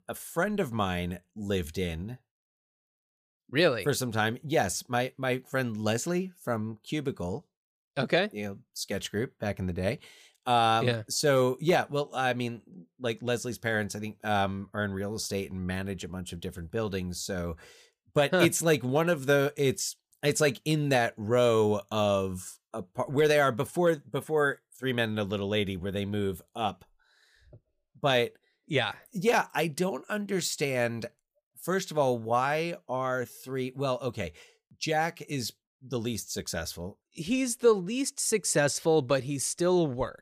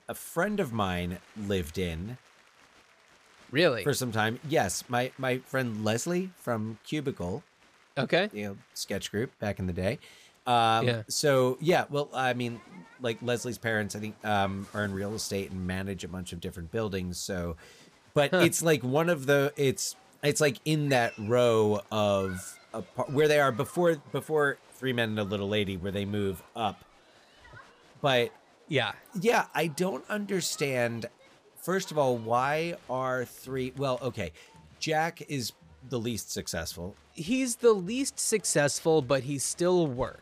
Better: first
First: none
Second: crowd noise; faint; throughout; 25 dB below the speech

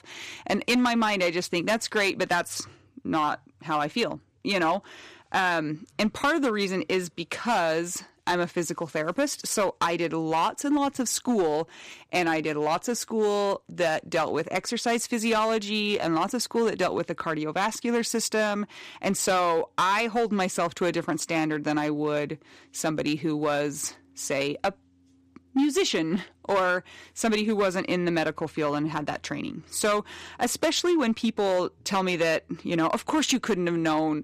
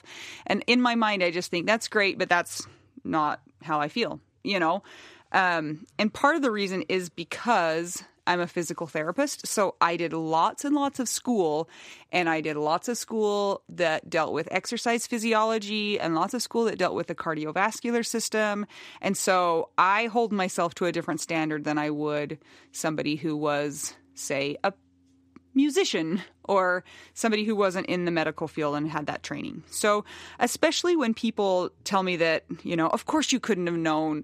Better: second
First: distortion; slight; 5% of the sound clipped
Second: none

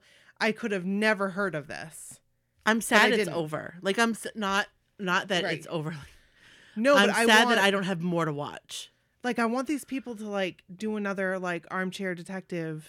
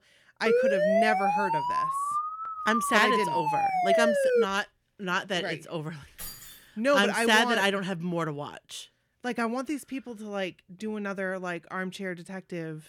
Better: first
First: none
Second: siren; loud; until 4.5 s; peak 5 dB above the speech // jangling keys; faint; at 6 s; peak 10 dB below the speech

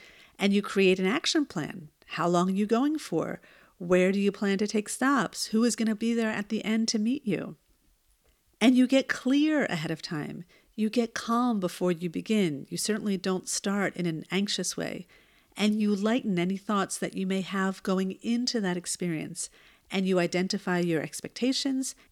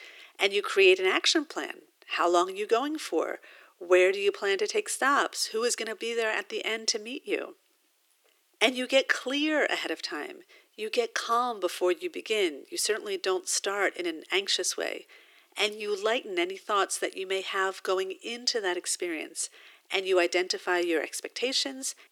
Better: first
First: none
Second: thin; very; fading below 350 Hz

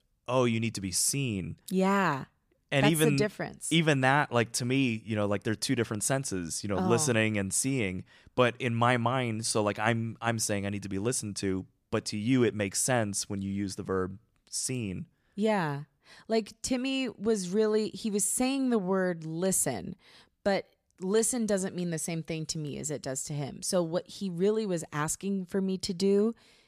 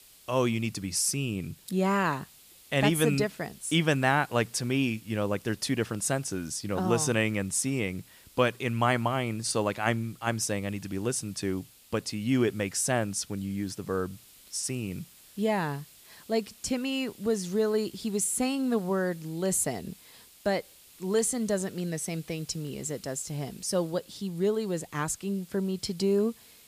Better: first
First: none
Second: hiss; faint; throughout; 25 dB below the speech

